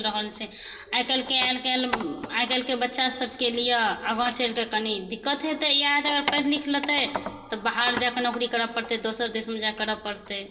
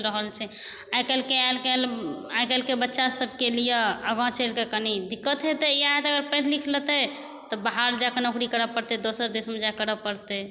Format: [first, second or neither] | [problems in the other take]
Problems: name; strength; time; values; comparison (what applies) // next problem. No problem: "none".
second | background sound (Keys jangling); 13 dB below the speech // room echo; dies away in 0.2 s